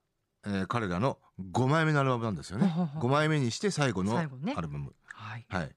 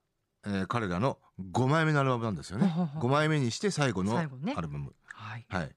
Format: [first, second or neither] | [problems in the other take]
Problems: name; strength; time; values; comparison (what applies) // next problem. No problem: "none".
neither | none